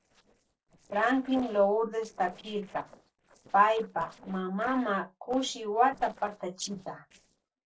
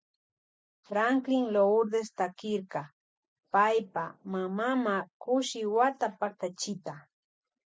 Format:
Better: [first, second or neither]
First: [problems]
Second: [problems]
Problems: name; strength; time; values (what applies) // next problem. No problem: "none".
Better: second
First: noise reduction (neural separator model SepFormer DNS4)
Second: none